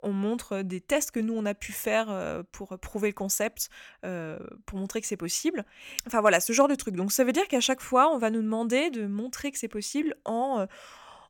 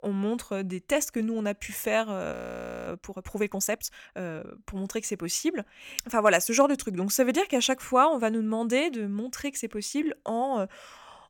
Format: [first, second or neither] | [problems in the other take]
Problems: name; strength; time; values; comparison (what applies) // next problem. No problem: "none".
first | audio freezing; at 2.5 s for 0.5 s